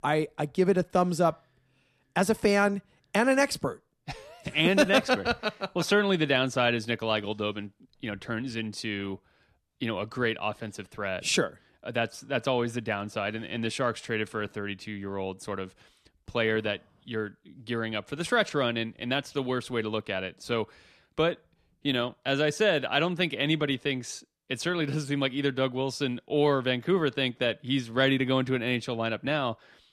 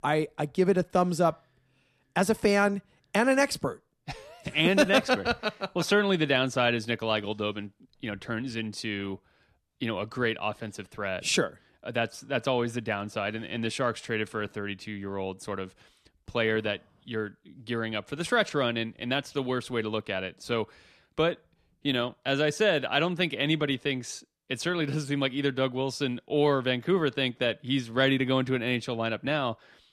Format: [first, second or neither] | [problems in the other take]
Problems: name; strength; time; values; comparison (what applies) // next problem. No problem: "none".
neither | none